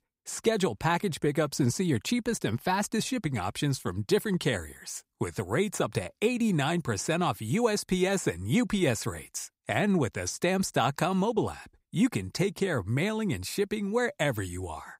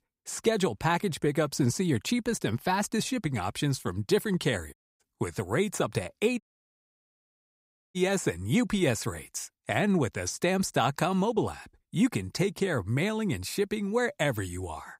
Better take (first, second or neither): first